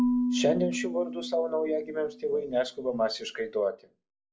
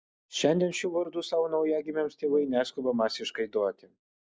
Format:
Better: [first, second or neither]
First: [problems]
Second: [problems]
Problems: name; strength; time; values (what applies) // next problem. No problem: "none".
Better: second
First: background sound (Marimba, xylophone / Wood); 4 dB below the speech // room echo; dies away in 0.2 s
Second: none